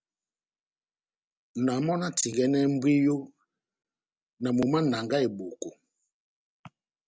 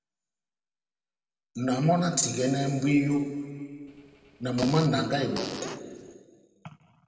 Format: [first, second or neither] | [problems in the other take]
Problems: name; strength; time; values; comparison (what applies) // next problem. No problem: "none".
first | background sound (Fart); 13 dB below the speech // room echo; dies away in 2.1 s